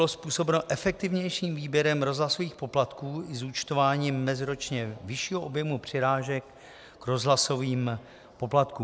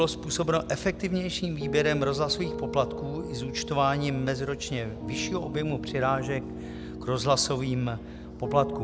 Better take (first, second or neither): first